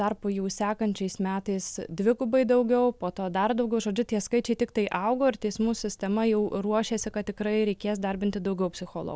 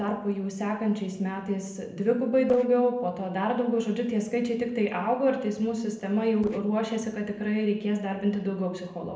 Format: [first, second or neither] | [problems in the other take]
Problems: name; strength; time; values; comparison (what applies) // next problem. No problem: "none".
first | noise reduction (neural separator model SepFormer DNS4)